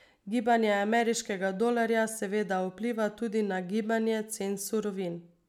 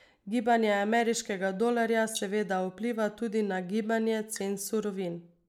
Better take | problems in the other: first | noise reduction (neural mask model Resemble Enhance denoiser)

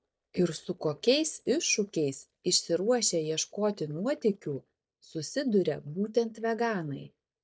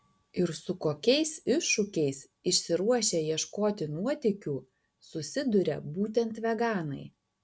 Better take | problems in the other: second | noise reduction (neural mask model DeepFilterNet 3)

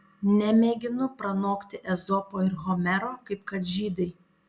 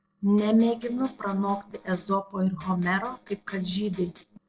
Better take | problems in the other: first | noise reduction (neural separator model SepFormer DNS4)

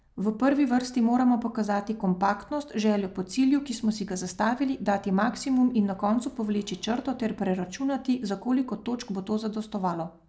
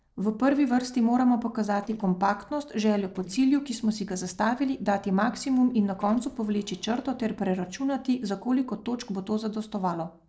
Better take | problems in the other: first | noise reduction (neural separator model SepFormer DNS4)

